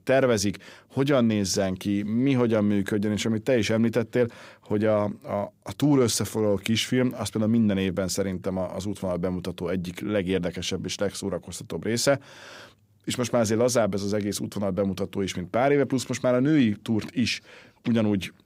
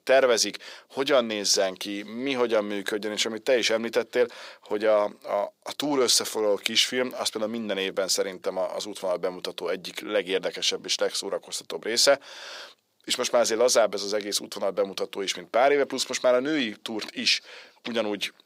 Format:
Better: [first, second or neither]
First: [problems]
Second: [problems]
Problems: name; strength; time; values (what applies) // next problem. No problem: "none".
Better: first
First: none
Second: thin; somewhat; fading below 550 Hz